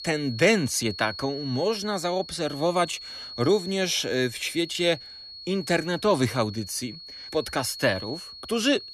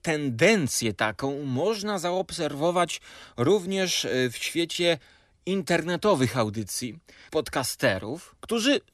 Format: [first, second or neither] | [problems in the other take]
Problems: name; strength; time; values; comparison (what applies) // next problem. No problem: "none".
second | high-pitched whine; noticeable; throughout; 4.5 kHz, 10 dB below the speech